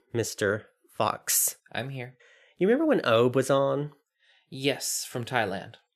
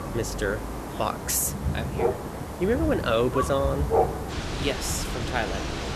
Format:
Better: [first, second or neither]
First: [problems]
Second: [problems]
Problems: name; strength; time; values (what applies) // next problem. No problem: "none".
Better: first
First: none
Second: rain or running water; loud; throughout; 2 dB below the speech